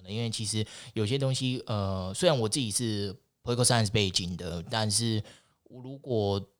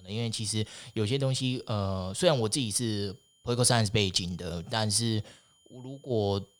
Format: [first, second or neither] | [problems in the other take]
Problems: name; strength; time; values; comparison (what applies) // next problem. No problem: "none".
first | high-pitched whine; faint; throughout; 3 kHz, 35 dB below the speech